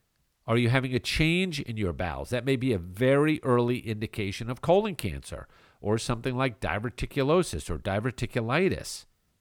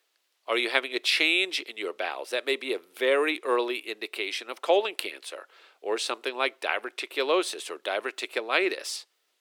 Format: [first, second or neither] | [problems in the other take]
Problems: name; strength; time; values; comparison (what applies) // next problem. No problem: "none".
first | thin; very; fading below 350 Hz